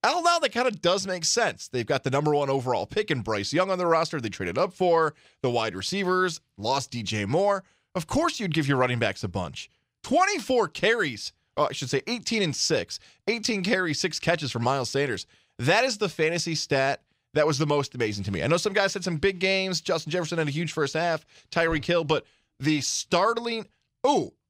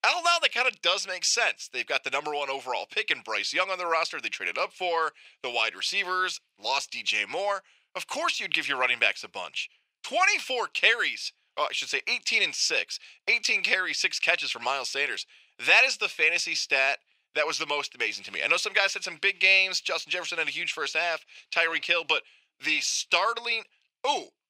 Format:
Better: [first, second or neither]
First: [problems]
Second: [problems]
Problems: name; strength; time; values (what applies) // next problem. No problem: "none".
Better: first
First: none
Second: thin; very; fading below 650 Hz